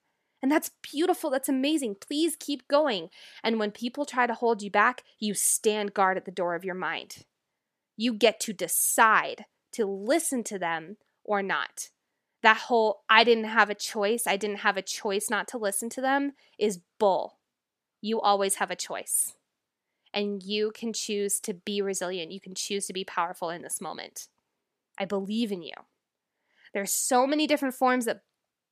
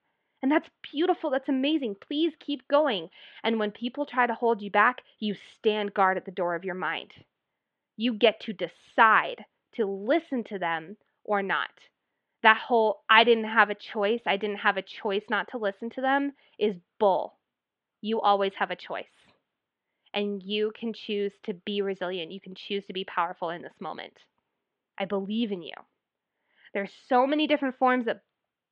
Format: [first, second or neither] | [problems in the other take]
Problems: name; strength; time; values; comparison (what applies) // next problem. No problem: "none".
first | muffled; very; fading above 3.5 kHz